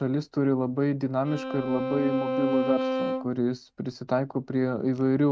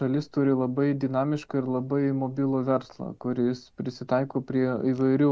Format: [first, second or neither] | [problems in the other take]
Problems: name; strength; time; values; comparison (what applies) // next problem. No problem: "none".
second | noise reduction (neural mask model RNNoise)